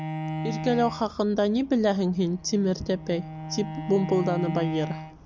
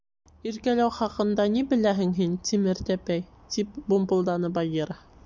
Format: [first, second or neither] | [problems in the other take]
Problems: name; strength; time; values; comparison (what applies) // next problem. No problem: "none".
second | background sound (Bowed string instrument); 8 dB below the speech